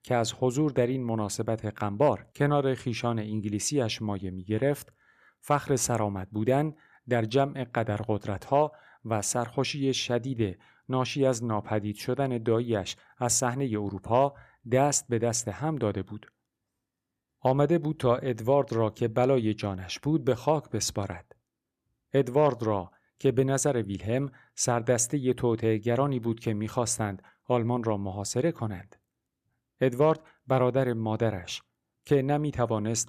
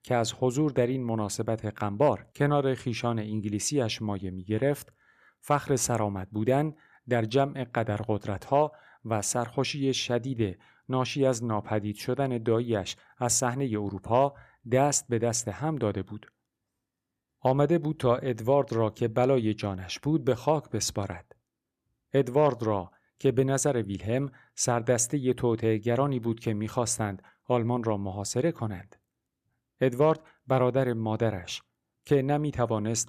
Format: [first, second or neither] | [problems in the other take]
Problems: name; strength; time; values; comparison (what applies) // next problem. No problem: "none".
neither | none